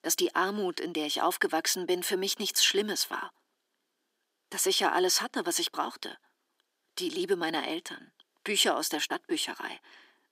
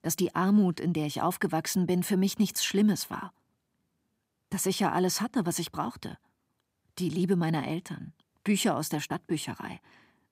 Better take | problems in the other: second | thin; very; fading below 350 Hz

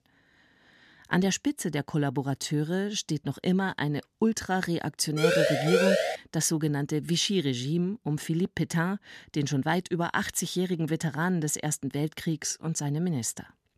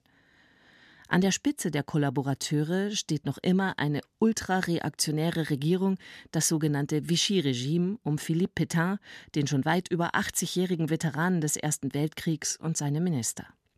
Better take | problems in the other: second | siren; loud; at 5 s; peak 5 dB above the speech

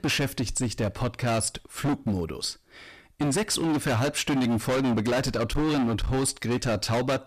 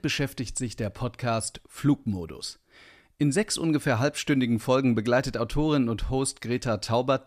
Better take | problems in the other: second | distortion; heavy; 25% of the sound clipped

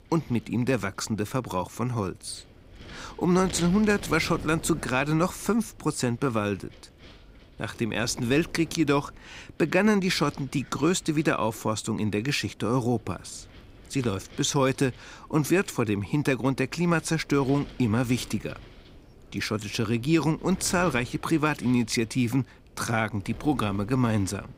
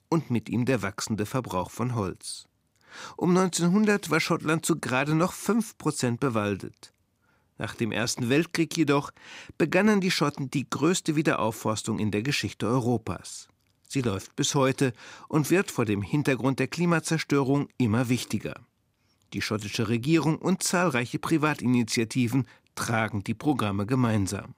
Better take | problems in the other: second | wind noise on the microphone; occasional gusts; 20 dB below the speech

